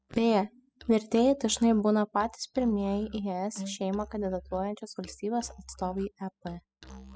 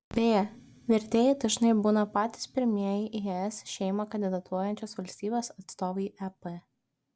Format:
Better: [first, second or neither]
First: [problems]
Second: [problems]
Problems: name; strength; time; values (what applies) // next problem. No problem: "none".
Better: second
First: noise reduction (classical method spectral subtraction)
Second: none